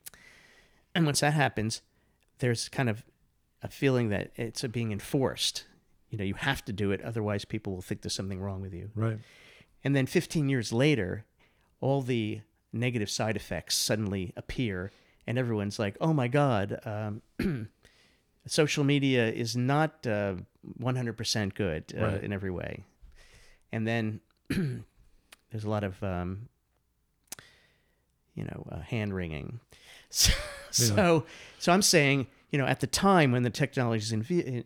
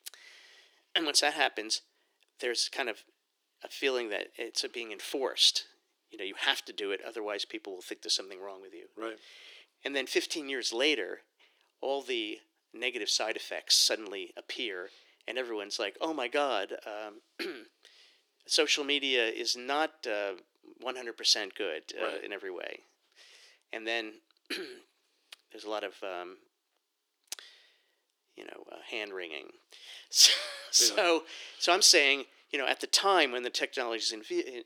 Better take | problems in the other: first | thin; very; fading below 350 Hz

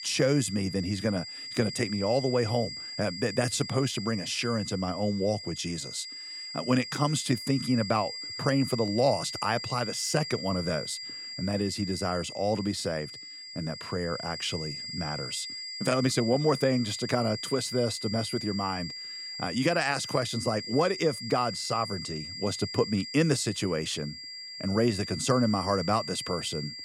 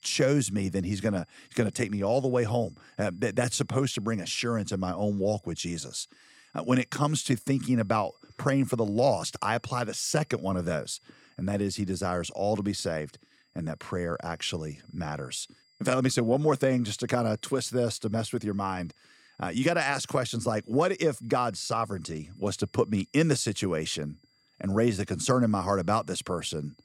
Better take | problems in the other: second | high-pitched whine; loud; throughout; 5 kHz, 7 dB below the speech; faint in the second

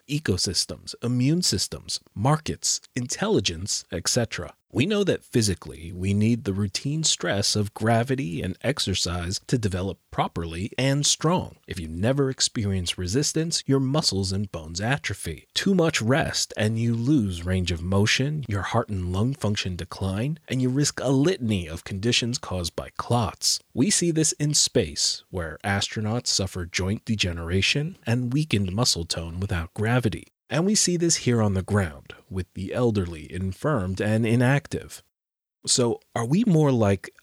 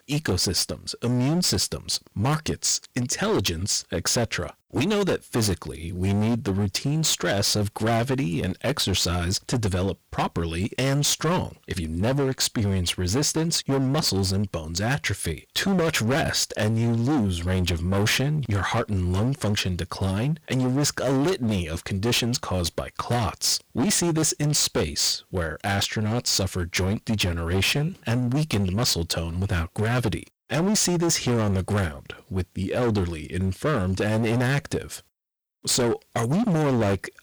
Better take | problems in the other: first | distortion; heavy; 19% of the sound clipped

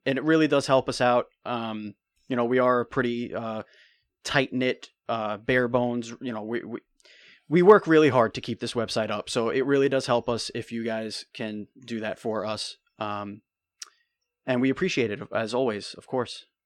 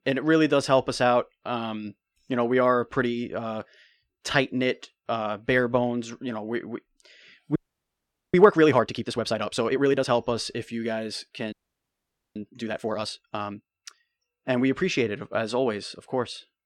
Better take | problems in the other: first | audio freezing; at 7.5 s for 1 s and at 12 s for 1 s

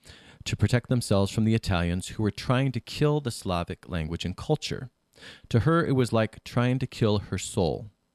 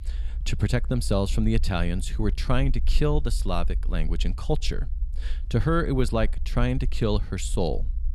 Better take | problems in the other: first | low rumble; faint; throughout; 25 dB below the speech

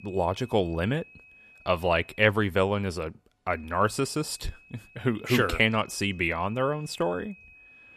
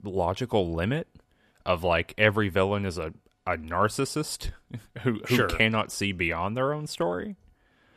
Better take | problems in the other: second | high-pitched whine; faint; until 2 s and from 3.5 s on; 2.5 kHz, 25 dB below the speech

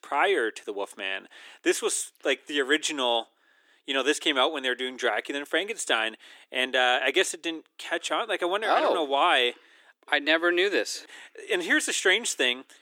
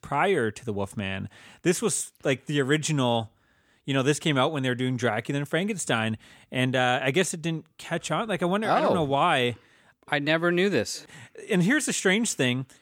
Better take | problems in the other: second | thin; somewhat; fading below 300 Hz

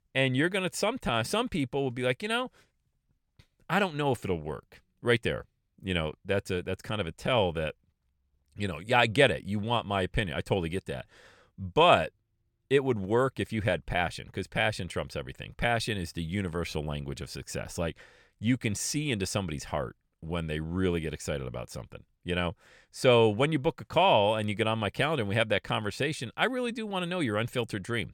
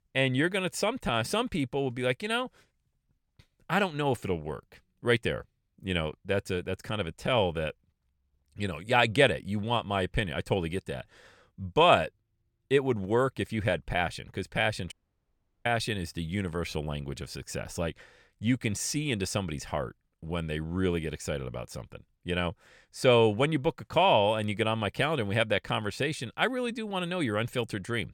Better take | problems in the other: first | audio cutting out; at 15 s for 0.5 s

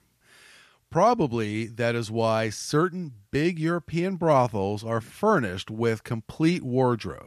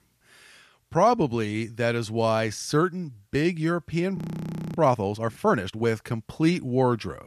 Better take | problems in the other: first | audio freezing; at 4 s for 0.5 s

